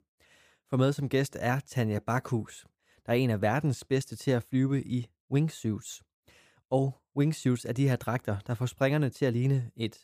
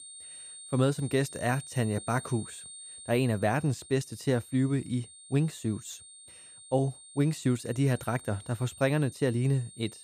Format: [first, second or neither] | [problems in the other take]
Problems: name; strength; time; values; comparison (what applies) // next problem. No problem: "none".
first | high-pitched whine; noticeable; throughout; 8.5 kHz, 15 dB below the speech